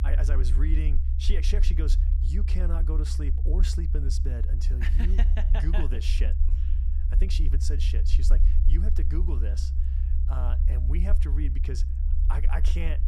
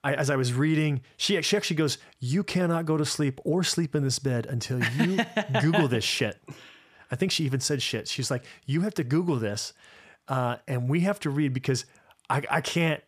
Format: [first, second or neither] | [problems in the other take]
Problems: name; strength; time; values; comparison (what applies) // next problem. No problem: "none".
second | low rumble; loud; throughout; 6 dB below the speech